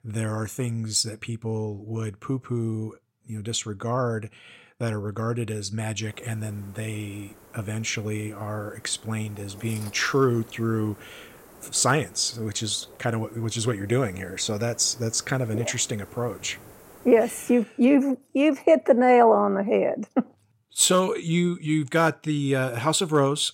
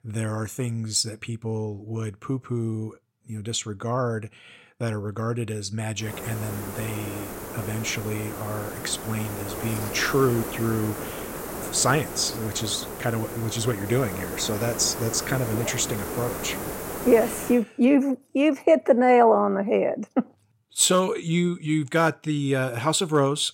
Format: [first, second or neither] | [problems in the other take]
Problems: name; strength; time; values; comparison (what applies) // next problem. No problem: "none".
first | hiss; loud; from 6 to 18 s; 9 dB below the speech; faint in the first